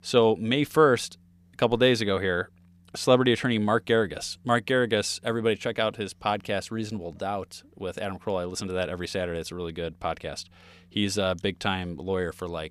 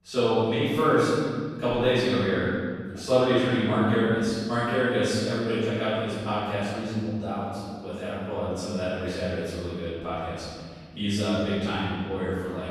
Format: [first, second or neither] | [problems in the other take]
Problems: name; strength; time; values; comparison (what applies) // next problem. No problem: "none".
first | off-mic speech; far // room echo; strong; dies away in 2.2 s